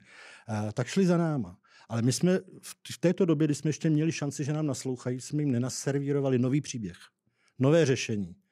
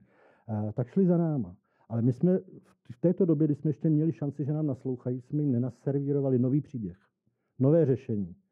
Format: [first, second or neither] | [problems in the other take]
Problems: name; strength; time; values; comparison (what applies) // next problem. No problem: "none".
first | muffled; very; fading above 1.5 kHz